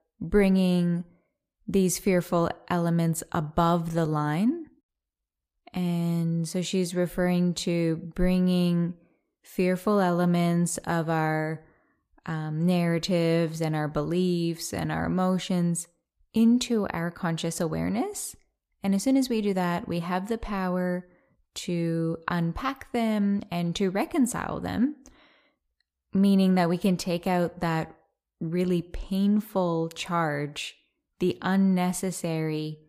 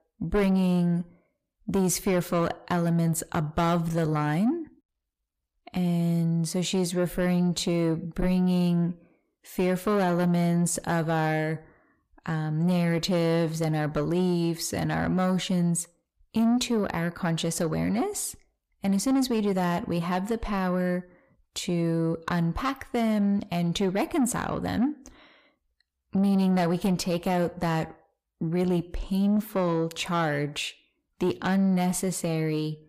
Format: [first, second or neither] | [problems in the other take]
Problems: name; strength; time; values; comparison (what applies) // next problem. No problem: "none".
first | distortion; slight; 10 dB below the speech